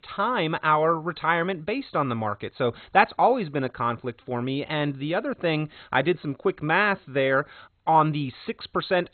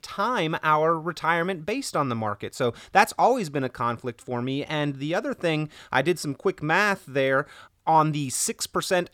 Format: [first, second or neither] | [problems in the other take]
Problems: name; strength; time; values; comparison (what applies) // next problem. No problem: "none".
second | garbled, watery; badly; nothing above 4 kHz